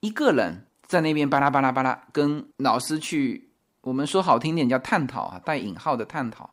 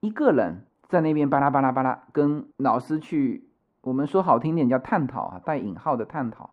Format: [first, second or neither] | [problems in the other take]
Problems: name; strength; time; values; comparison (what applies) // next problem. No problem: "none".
first | muffled; very; fading above 2.5 kHz